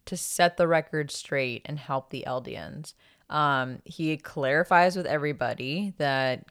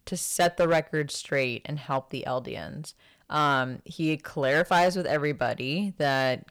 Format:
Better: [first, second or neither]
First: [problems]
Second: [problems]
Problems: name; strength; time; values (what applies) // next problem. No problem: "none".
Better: first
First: none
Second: distortion; slight; 3% of the sound clipped